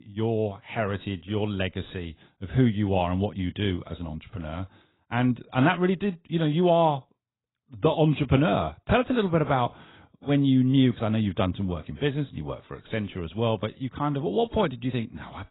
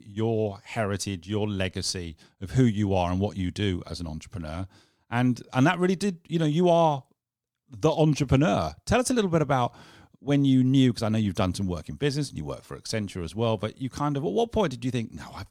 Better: second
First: garbled, watery; badly; nothing above 4 kHz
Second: none

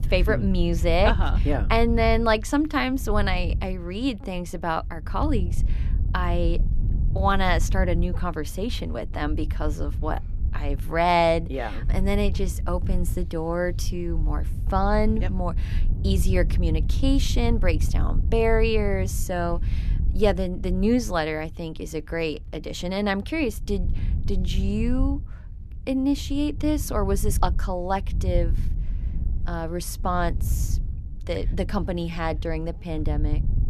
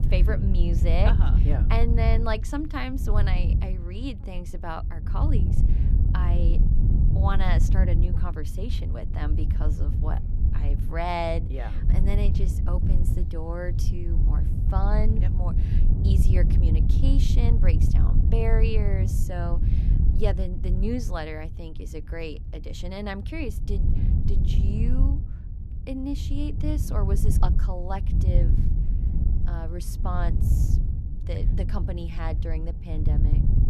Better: first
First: wind noise on the microphone; occasional gusts; 20 dB below the speech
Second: wind noise on the microphone; heavy; 5 dB below the speech

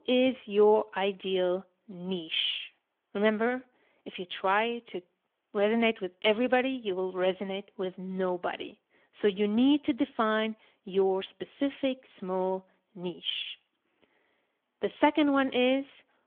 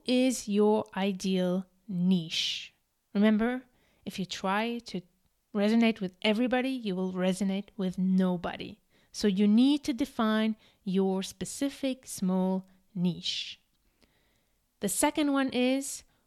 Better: second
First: phone-call audio; nothing above 3.5 kHz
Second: none

